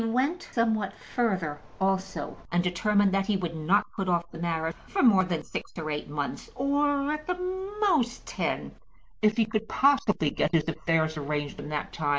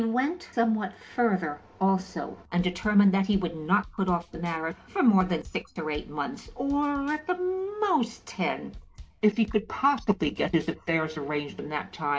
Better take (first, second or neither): first